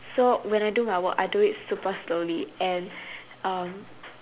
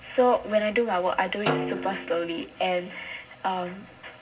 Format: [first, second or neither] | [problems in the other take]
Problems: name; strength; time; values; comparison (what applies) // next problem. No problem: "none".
first | background sound (Snare drum); 7 dB below the speech // room echo; dies away in 0.4 s